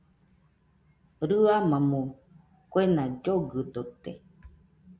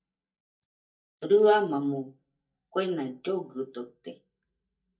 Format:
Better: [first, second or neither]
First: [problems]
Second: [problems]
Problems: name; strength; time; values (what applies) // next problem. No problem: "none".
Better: first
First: none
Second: noise reduction (neural mask model DeepFilterNet 3)